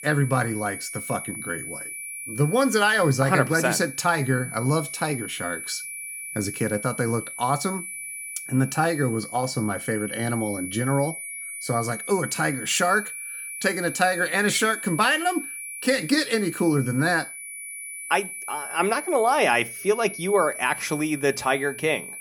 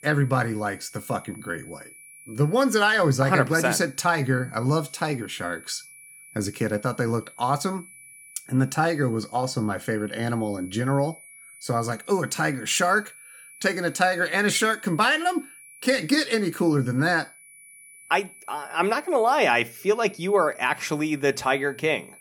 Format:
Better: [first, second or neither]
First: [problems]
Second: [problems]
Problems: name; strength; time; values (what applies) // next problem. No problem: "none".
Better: second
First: high-pitched whine; loud; throughout; 2.5 kHz, 9 dB below the speech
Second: high-pitched whine; faint; throughout; 2.5 kHz, 20 dB below the speech